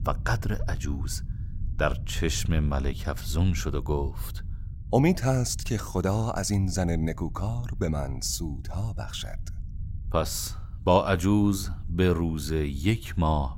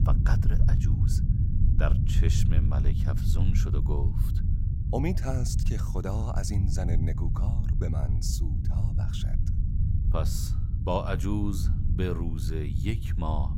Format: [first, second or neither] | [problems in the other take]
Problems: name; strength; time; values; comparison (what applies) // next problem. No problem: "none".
first | low rumble; loud; throughout; 5 dB below the speech; faint in the first